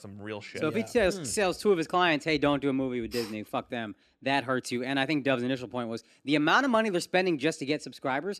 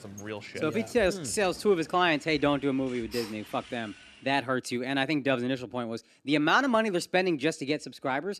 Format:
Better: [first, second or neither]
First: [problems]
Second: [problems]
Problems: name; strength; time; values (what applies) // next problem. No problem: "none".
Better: first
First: none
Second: traffic noise; faint; until 4 s; 20 dB below the speech